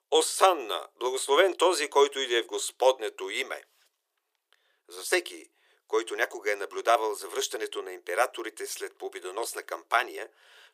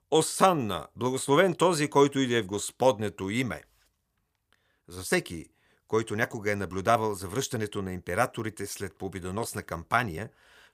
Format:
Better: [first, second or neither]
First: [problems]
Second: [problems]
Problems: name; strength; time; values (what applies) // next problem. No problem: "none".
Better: second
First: thin; very; fading below 350 Hz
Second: none